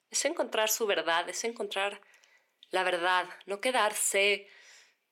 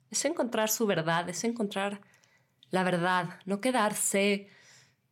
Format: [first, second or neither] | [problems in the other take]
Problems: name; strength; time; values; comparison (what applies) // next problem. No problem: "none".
second | thin; somewhat; fading below 350 Hz